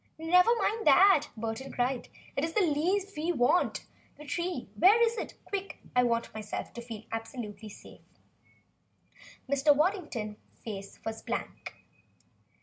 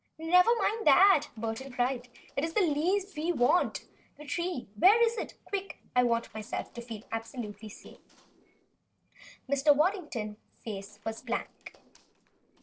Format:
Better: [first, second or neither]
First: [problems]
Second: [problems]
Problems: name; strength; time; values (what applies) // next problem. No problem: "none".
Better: first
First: none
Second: noise reduction (neural separator model SepFormer DNS4)